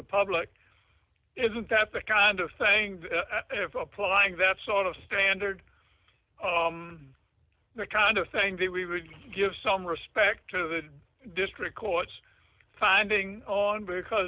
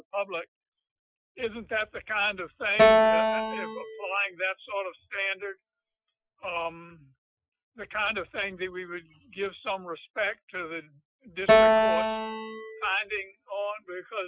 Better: first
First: none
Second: noise reduction (classical method Wiener filter)

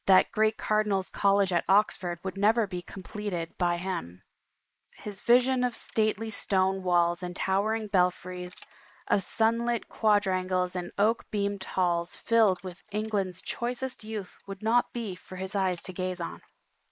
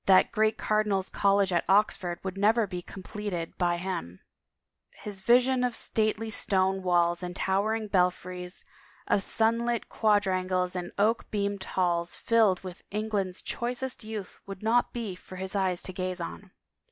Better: second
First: noise reduction (neural mask model Resemble Enhance denoiser)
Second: none

